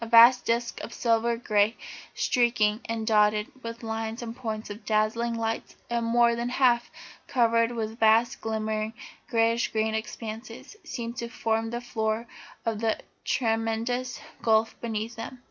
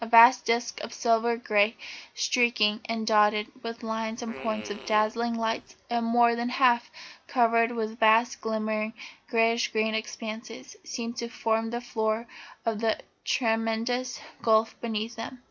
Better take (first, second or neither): first